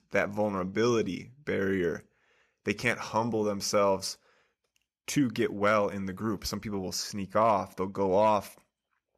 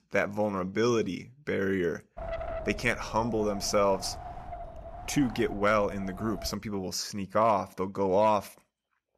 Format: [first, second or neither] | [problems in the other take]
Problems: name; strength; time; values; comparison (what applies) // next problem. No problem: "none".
first | wind noise on the microphone; occasional gusts; from 2 to 6.5 s; 15 dB below the speech